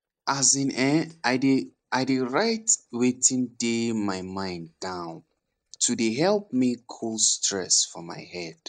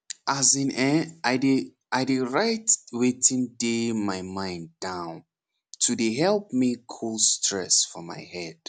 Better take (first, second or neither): second